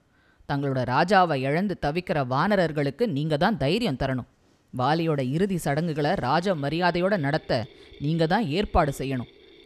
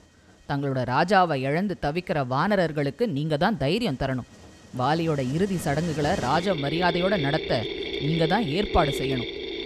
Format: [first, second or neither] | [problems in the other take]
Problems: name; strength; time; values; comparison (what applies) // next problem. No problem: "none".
first | machinery noise; loud; throughout; 7 dB below the speech; faint in the first